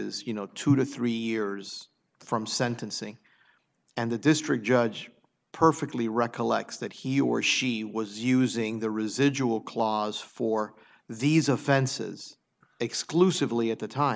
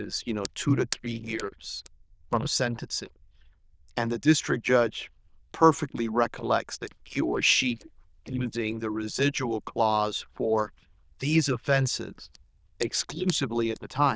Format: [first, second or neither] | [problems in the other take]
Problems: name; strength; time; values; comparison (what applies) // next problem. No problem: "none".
first | noise reduction (neural diffusion model UNIVERSE++)